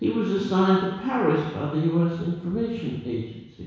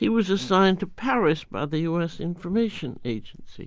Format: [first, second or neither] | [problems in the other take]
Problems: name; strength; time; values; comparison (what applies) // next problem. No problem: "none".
second | room echo; dies away in 1.1 s